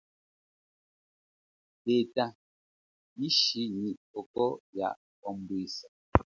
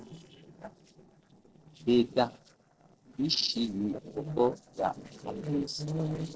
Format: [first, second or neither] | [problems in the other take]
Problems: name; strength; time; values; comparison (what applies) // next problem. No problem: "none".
first | noise reduction (neural separator model SepFormer DNS4)